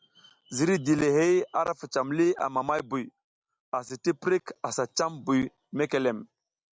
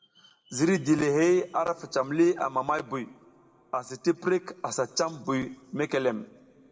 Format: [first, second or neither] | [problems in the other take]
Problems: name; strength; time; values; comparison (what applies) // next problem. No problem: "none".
first | room echo; dies away in 1.1 s